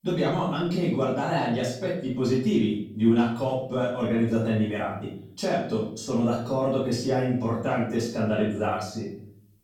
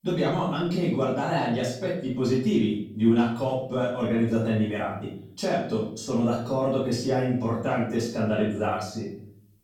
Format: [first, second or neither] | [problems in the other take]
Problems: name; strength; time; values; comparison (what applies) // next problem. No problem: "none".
neither | off-mic speech; far; the same in both // room echo; noticeable; dies away in 0.6 s; the same in both